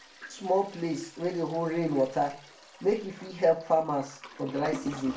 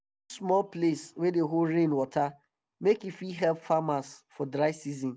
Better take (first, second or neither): second